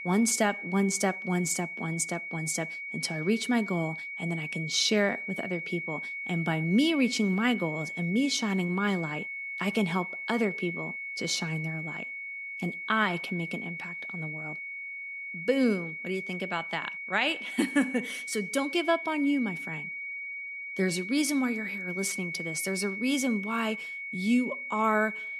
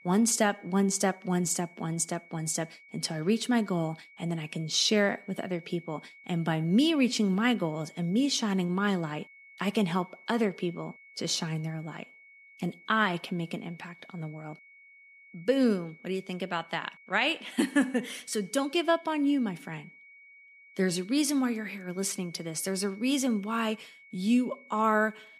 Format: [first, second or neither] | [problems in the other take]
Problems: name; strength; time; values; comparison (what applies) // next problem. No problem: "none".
second | high-pitched whine; loud; throughout; 2 kHz, 6 dB below the speech; faint in the second